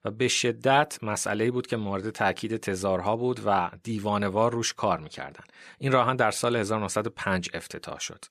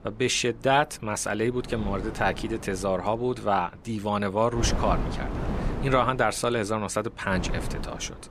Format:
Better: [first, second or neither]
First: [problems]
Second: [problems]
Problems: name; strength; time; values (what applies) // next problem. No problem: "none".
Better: first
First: none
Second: wind noise on the microphone; occasional gusts; 10 dB below the speech